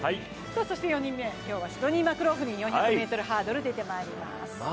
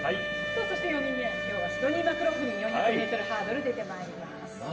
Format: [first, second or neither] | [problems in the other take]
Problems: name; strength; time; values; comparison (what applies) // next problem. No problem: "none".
first | background sound (Wind instrument, woodwind instrument); 3 dB below the speech // room echo; dies away in 0.9 s